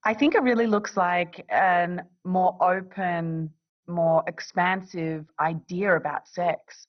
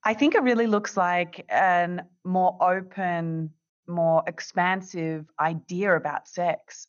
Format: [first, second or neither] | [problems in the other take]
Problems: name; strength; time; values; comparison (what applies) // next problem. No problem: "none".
second | garbled, watery; badly; nothing above 6 kHz; slightly in the second